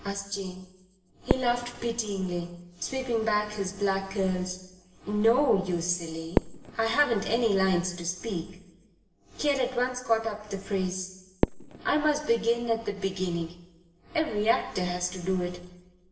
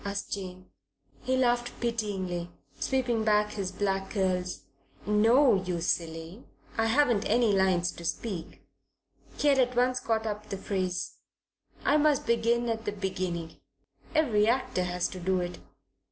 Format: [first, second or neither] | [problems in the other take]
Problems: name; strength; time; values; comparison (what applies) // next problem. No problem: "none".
second | background sound (Fireworks); 10 dB below the speech // room echo; dies away in 1 s